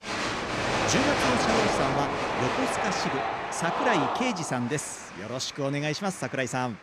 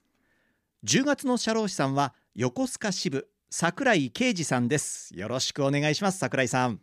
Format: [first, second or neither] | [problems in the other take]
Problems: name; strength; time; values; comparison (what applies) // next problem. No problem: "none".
second | crowd noise; very loud; throughout; 3 dB above the speech